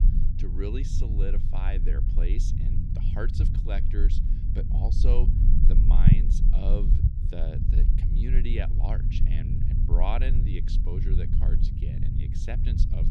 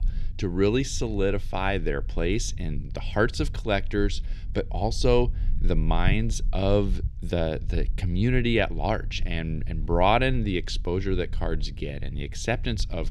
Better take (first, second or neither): second